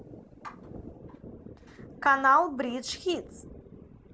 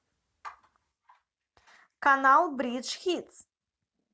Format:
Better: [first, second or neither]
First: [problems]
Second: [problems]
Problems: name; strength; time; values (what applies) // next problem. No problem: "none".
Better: second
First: background sound (Thunder); 17 dB below the speech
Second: none